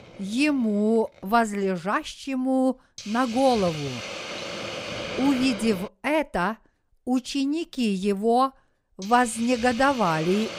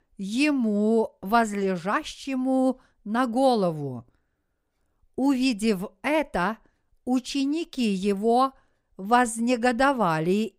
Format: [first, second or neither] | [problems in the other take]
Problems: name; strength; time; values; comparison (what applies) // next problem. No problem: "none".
second | hiss; noticeable; until 6 s and from 7.5 s on; 10 dB below the speech